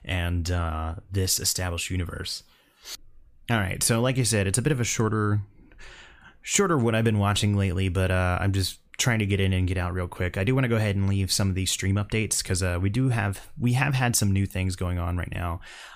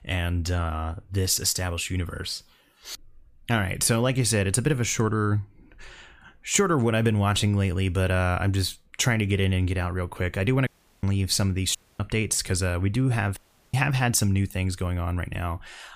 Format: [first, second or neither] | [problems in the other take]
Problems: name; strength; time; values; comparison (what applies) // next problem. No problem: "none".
first | audio cutting out; at 11 s, at 12 s and at 13 s